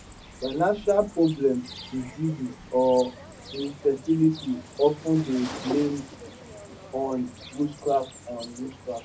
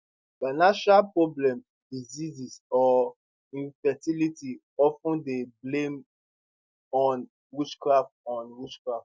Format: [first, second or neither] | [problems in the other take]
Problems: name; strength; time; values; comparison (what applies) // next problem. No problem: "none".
second | background sound (Cricket); 15 dB below the speech // room echo; dies away in 0.4 s